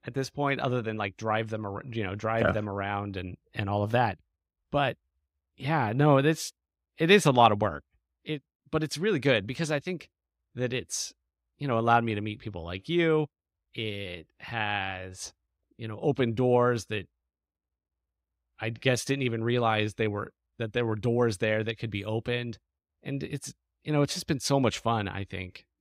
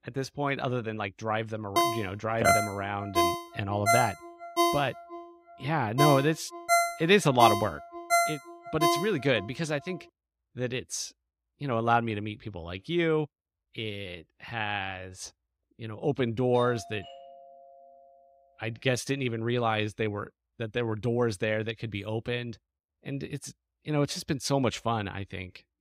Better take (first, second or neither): first